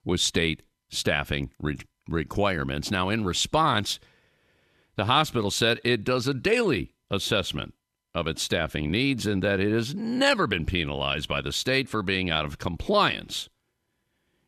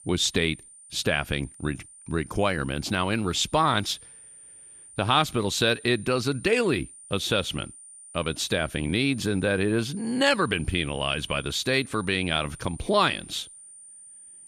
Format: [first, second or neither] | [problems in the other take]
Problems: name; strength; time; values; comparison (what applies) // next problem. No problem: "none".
first | high-pitched whine; noticeable; throughout; 9 kHz, 20 dB below the speech